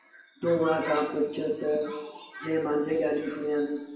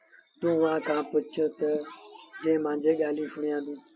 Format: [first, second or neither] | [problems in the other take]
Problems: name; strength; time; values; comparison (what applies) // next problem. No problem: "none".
second | room echo; dies away in 0.8 s